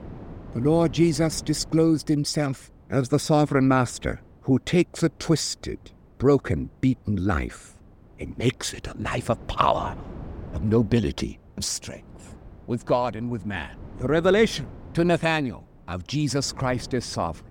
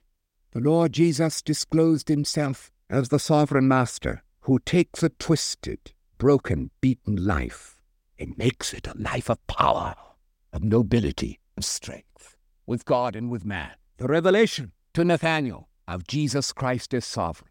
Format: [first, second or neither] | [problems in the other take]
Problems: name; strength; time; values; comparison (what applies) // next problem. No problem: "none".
second | wind noise on the microphone; occasional gusts; 25 dB below the speech